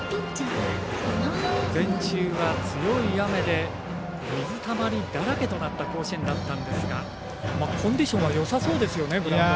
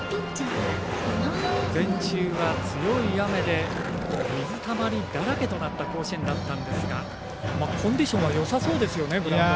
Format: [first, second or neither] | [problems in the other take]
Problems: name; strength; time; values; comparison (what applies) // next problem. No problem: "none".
first | background sound (Skateboard); 14 dB below the speech